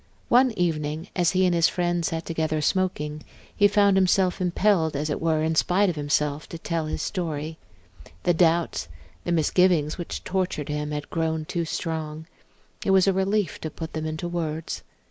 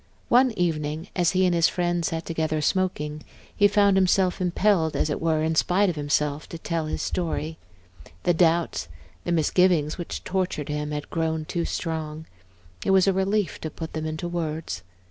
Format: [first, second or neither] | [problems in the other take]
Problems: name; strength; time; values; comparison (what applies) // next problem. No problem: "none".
second | noise reduction (neural mask model Resemble Enhance denoiser)